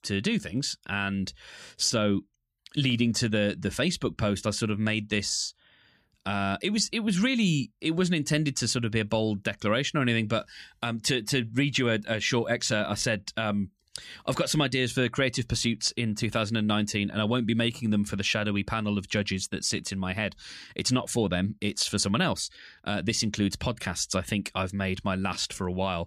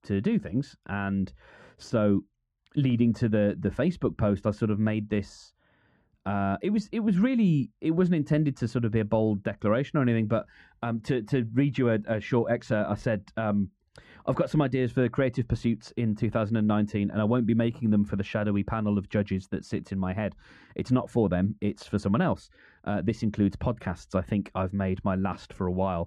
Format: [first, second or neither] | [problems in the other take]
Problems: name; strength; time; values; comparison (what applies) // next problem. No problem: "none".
first | muffled; very; fading above 2.5 kHz